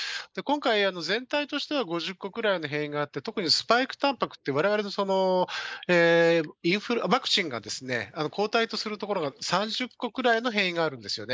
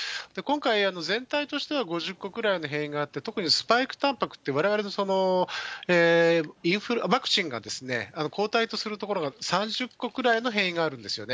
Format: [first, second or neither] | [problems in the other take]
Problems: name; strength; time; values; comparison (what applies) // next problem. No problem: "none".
second | noise reduction (neural mask model Resemble Enhance denoiser)